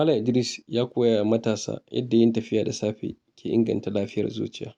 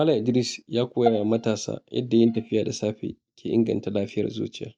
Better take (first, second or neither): first